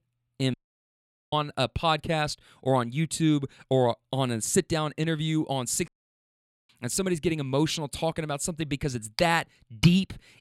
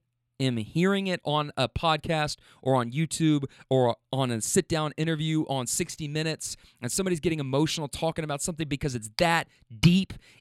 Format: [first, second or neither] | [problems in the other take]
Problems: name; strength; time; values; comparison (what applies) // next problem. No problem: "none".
second | audio cutting out; at 0.5 s for 1 s and at 6 s for 1 s